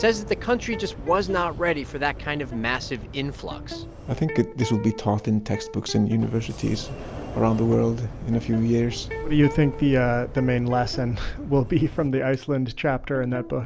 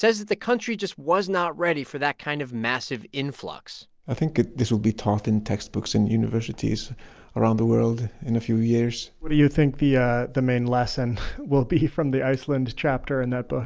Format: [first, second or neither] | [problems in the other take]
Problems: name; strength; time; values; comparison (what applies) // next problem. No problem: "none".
second | background sound (Electric guitar + Sliding door); 12 dB below the speech